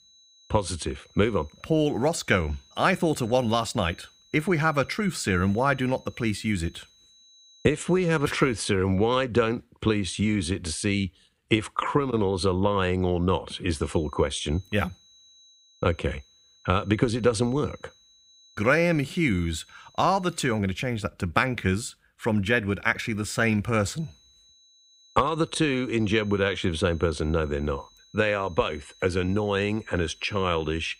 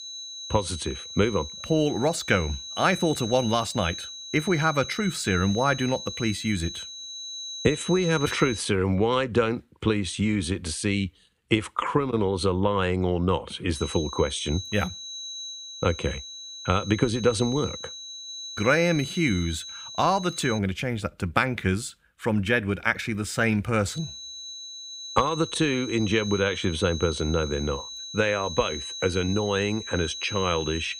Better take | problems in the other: first | high-pitched whine; loud; until 8.5 s, from 14 to 21 s and from 24 s on; 4 kHz, 9 dB below the speech; faint in the first

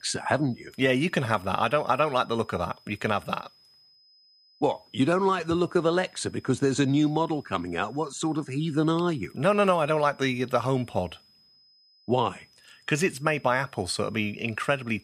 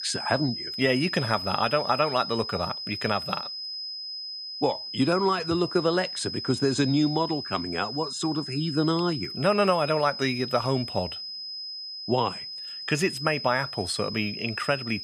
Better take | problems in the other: first | high-pitched whine; loud; throughout; 5 kHz, 7 dB below the speech; faint in the first

